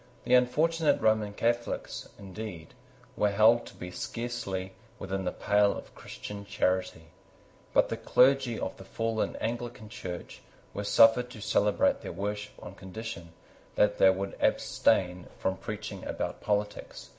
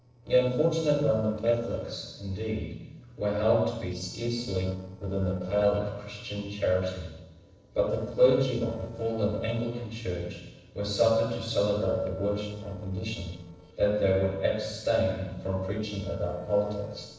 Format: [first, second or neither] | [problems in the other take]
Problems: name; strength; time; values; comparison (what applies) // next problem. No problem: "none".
first | noise reduction (neural separator model SepFormer DNS4)